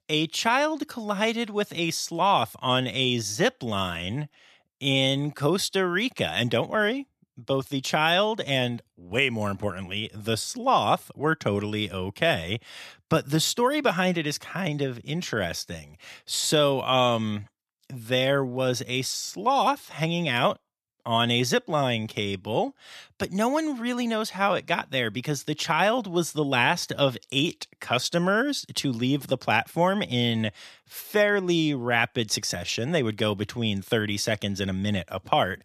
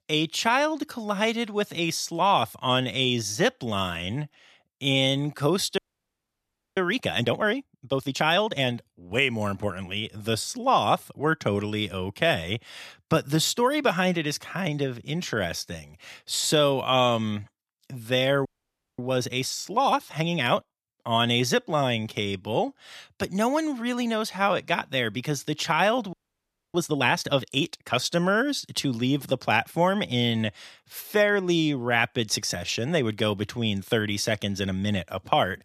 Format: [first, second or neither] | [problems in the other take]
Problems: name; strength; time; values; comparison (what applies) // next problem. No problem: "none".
first | audio freezing; at 6 s for 1 s, at 18 s for 0.5 s and at 26 s for 0.5 s